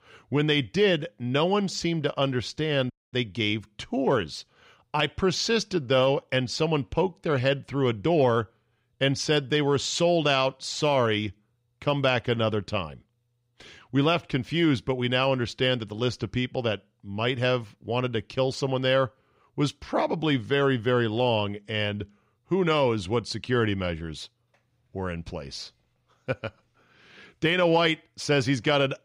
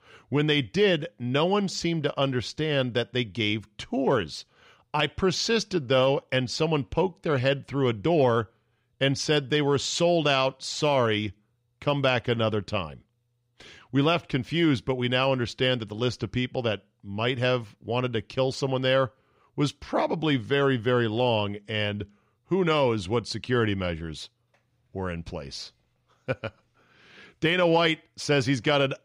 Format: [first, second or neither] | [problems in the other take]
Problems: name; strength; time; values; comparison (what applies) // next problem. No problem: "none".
second | audio cutting out; at 3 s